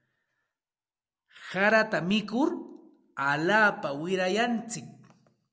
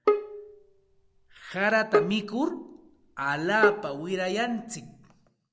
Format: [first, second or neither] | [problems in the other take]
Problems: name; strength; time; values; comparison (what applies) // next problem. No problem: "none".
first | background sound (Bowed string instrument); 1 dB below the speech